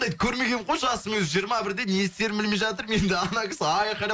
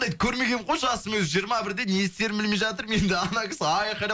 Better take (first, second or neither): second